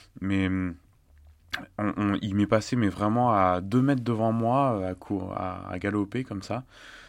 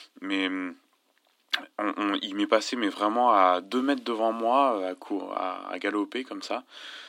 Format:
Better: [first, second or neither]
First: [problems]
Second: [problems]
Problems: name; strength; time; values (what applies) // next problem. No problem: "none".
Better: first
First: none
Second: thin; somewhat; fading below 250 Hz